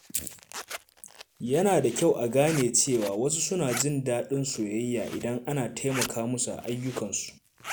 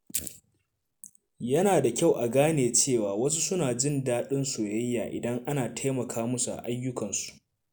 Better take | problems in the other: second | background sound (Zipper (clothing)); 14 dB below the speech

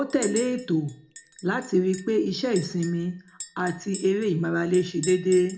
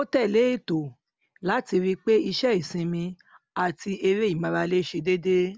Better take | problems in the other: second | background sound (Chink, clink); 14 dB below the speech // room echo; dies away in 0.3 s

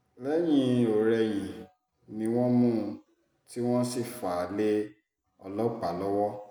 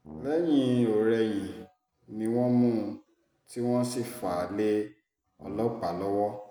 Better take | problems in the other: first | background sound (Brass instrument); 19 dB below the speech

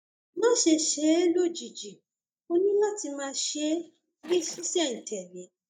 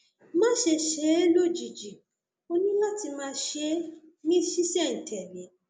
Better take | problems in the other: second | noise reduction (neural mask model DeepFilterNet 3)

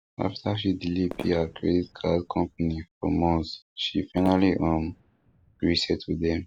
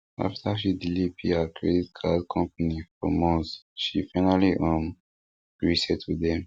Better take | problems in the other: second | background sound (Fireworks); 17 dB below the speech

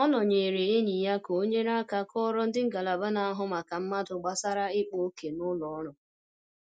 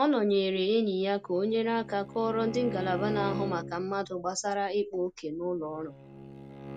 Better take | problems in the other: first | background sound (Bowed string instrument); 11 dB below the speech

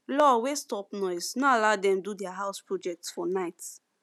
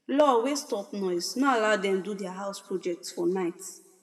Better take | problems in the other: first | room echo; dies away in 1.3 s

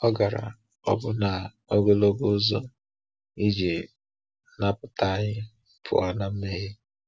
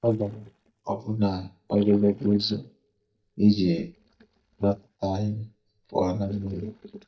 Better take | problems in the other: first | noise reduction (neural mask model DeepFilterNet 3)

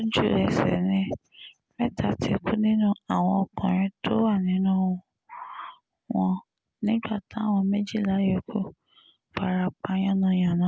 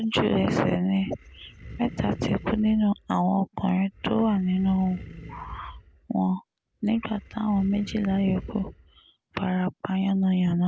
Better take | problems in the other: first | background sound (Animal); 18 dB below the speech

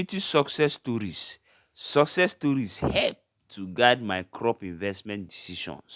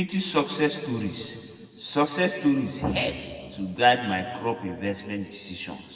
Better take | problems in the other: first | room echo; dies away in 1.9 s

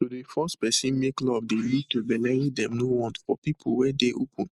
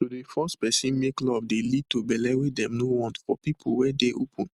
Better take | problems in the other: second | noise reduction (neural mask model Resemble Enhance denoiser)

